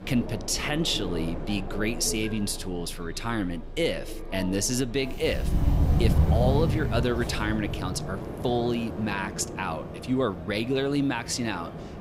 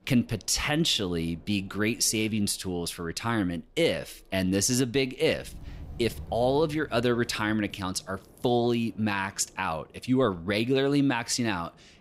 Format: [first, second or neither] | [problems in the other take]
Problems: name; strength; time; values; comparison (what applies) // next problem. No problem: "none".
second | train or aircraft noise; loud; throughout; 3 dB below the speech; faint in the second